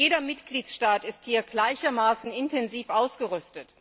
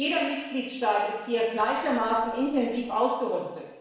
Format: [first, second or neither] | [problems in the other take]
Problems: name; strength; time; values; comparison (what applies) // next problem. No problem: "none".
first | noise reduction (neural separator model SepFormer DNS4)